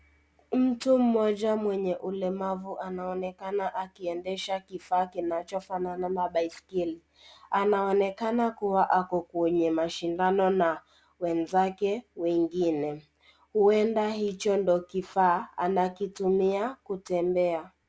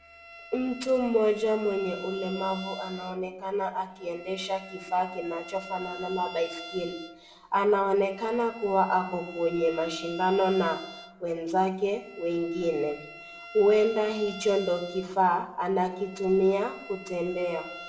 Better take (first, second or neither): first